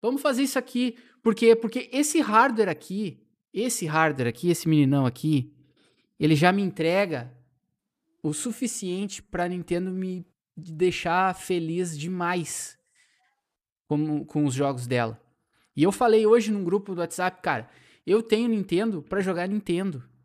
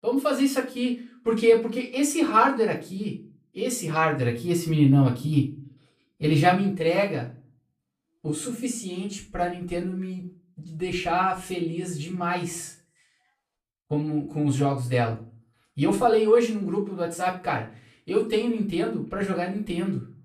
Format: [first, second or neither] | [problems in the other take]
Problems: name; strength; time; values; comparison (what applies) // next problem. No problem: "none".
first | off-mic speech; far // room echo; slight; dies away in 0.3 s